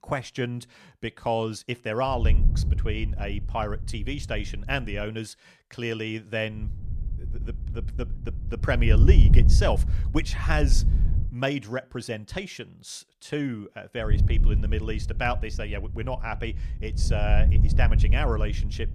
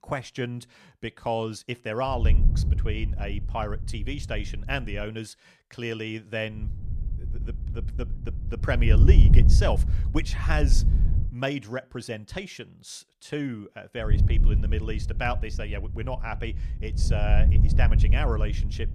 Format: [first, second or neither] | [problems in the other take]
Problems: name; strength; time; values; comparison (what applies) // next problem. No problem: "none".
first | wind noise on the microphone; heavy; from 2 to 5 s, from 6.5 to 11 s and from 14 s on; 9 dB below the speech; occasional gusts in the first